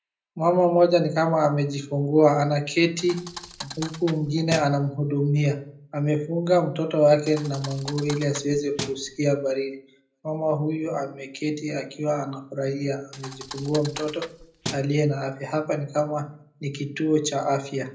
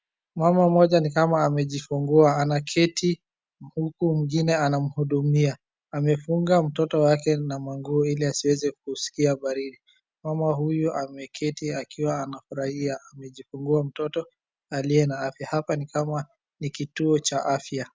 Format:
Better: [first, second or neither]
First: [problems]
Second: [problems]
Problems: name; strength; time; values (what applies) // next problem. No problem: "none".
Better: second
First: background sound (Thump, thud); 13 dB below the speech // room echo; dies away in 0.5 s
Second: none